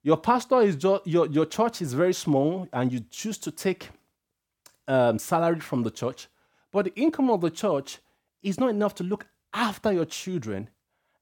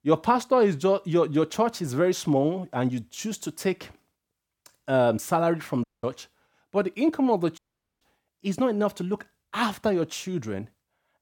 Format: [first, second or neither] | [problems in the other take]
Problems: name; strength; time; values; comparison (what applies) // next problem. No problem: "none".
first | audio cutting out; at 6 s and at 7.5 s